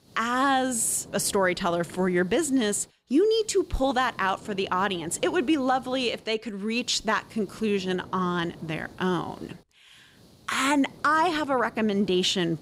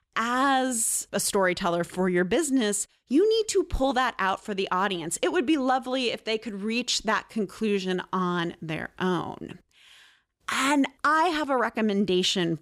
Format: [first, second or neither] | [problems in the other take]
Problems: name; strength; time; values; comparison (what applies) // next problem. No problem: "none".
second | hiss; faint; throughout; 20 dB below the speech